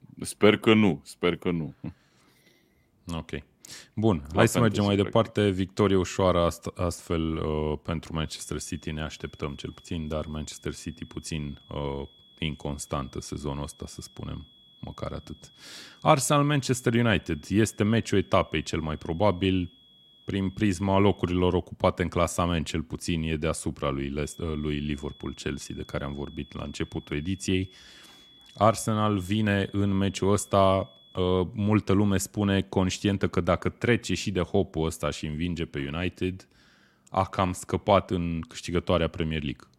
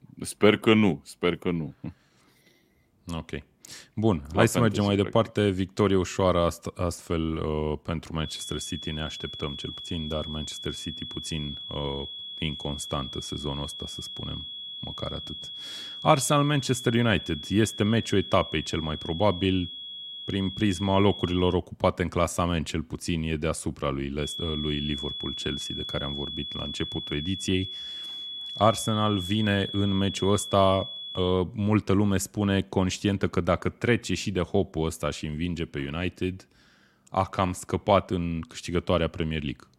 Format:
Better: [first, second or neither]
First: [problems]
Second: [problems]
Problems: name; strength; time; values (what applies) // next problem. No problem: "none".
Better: first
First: high-pitched whine; faint; from 8 to 22 s and from 24 to 31 s; 3.5 kHz, 25 dB below the speech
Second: high-pitched whine; loud; from 8 to 22 s and from 24 to 31 s; 3.5 kHz, 8 dB below the speech